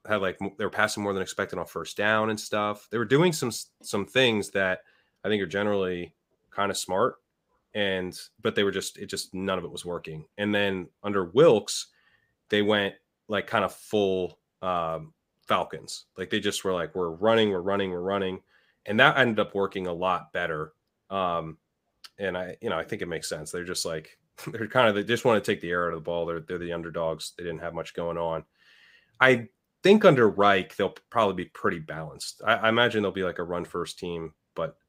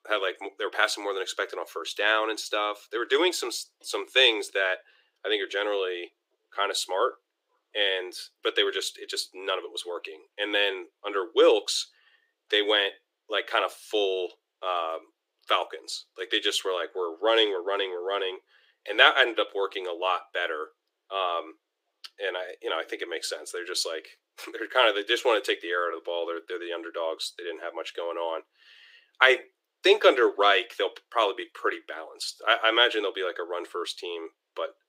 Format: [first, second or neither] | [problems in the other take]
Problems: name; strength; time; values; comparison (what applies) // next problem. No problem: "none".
first | thin; very; fading below 350 Hz